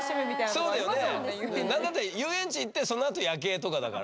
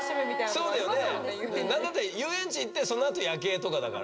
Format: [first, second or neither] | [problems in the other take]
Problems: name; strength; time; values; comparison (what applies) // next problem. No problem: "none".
first | background sound (Wind instrument, woodwind instrument); 14 dB below the speech // room echo; dies away in 2.3 s